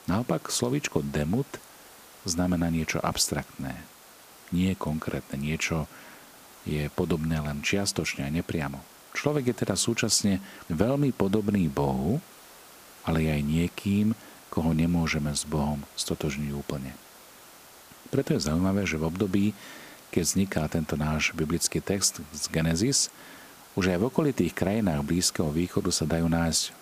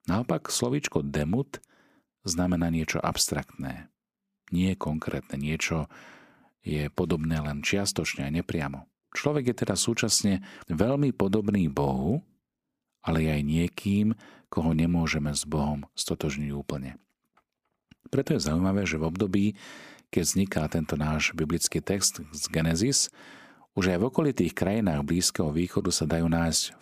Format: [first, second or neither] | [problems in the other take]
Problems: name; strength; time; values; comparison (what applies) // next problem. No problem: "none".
second | hiss; faint; throughout; 20 dB below the speech